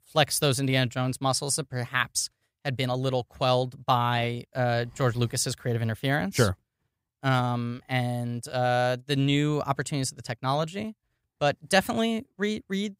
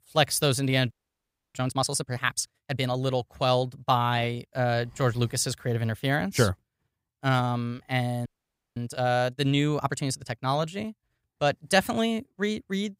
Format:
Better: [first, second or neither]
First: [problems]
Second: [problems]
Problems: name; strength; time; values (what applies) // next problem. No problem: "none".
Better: first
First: none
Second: audio freezing; at 1 s for 0.5 s and at 8.5 s for 0.5 s